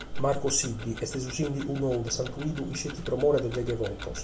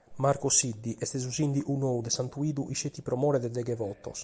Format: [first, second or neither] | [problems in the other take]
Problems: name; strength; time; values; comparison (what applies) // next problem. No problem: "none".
second | background sound (Tick-tock); 11 dB below the speech // room echo; dies away in 0.3 s